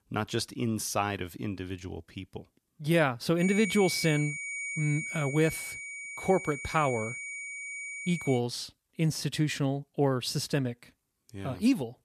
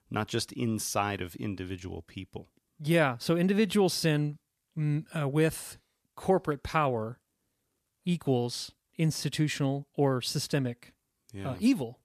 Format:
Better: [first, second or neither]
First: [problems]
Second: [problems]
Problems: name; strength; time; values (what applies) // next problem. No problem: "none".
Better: second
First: high-pitched whine; loud; from 3.5 to 8.5 s; 2.5 kHz, 6 dB below the speech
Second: none